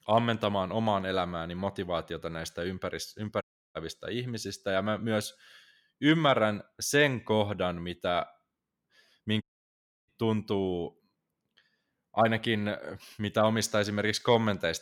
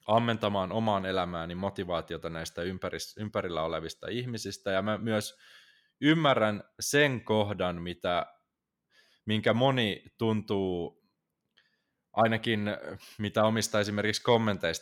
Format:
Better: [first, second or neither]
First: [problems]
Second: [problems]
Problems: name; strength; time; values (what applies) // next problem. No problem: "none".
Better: second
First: audio cutting out; at 3.5 s and at 9.5 s for 0.5 s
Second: none